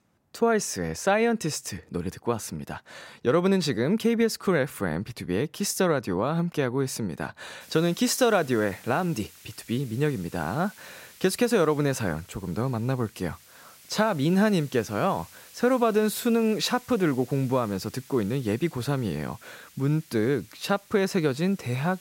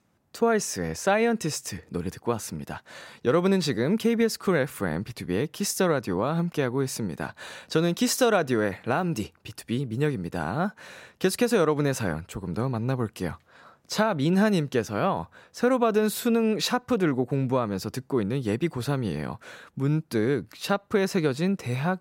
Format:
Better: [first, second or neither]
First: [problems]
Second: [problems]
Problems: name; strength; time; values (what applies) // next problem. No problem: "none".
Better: second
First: hiss; faint; from 7.5 s on; 25 dB below the speech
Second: none